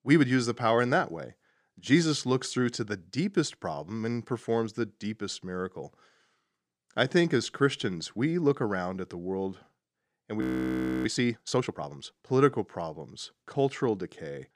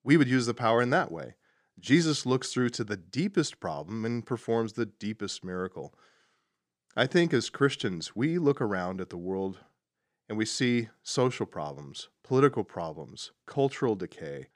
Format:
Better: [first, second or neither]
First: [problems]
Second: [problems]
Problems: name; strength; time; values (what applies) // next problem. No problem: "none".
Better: second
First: audio freezing; at 10 s for 0.5 s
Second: none